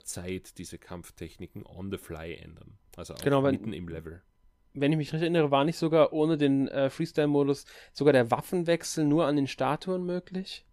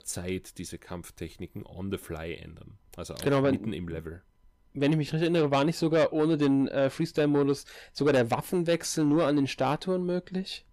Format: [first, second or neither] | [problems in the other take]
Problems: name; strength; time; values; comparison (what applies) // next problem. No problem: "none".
first | distortion; slight; 10 dB below the speech